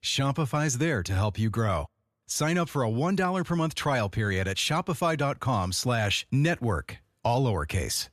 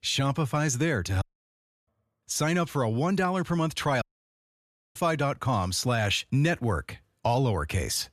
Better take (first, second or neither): first